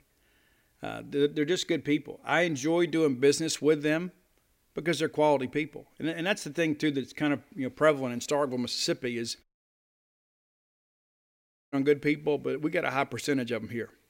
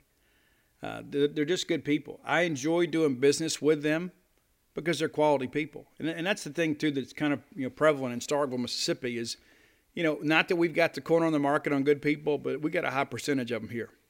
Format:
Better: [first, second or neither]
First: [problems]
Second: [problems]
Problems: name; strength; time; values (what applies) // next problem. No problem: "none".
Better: second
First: audio cutting out; at 9.5 s for 2.5 s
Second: none